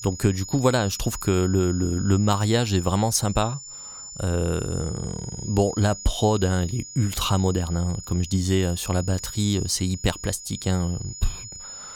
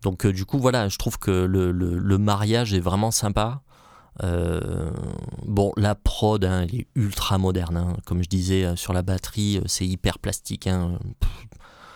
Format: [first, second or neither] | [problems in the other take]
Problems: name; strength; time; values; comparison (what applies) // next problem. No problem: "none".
second | high-pitched whine; noticeable; throughout; 7 kHz, 10 dB below the speech